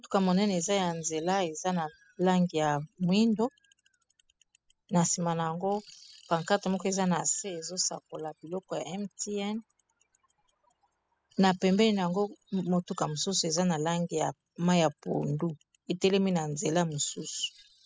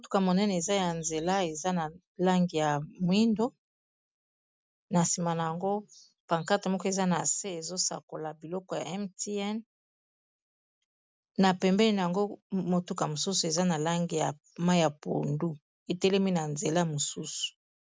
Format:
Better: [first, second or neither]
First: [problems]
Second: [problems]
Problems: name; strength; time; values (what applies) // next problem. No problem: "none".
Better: second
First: noise reduction (classical method spectral subtraction)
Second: none